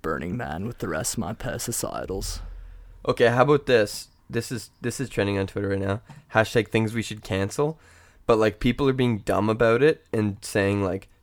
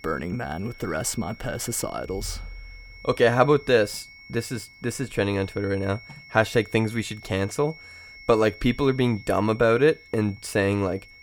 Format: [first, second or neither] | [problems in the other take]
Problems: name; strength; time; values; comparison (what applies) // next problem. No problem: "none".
first | high-pitched whine; faint; throughout; 2 kHz, 20 dB below the speech